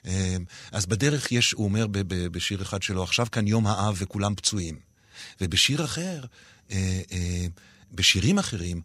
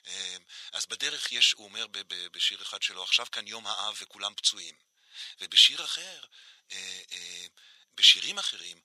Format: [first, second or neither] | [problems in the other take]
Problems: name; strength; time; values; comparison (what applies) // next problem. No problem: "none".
first | thin; very; fading below 900 Hz